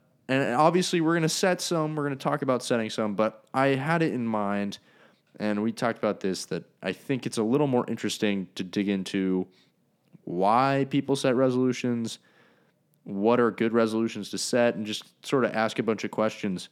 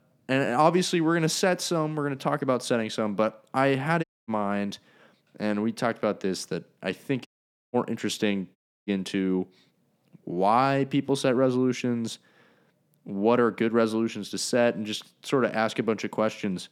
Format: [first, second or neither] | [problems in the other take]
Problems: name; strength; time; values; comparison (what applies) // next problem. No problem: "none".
first | audio cutting out; at 4 s, at 7.5 s and at 8.5 s